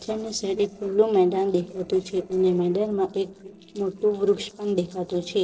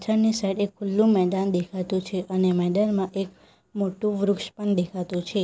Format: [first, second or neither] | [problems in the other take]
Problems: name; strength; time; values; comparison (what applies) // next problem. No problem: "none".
second | noise reduction (neural separator model SepFormer DNS4)